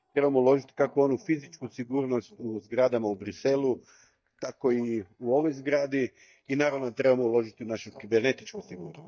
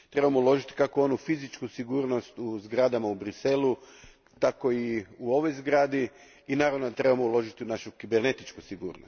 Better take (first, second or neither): second